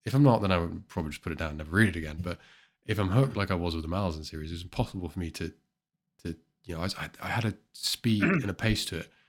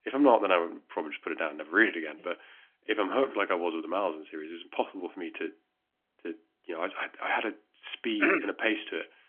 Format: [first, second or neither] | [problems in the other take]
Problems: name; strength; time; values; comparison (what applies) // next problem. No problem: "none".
first | phone-call audio; nothing above 3.5 kHz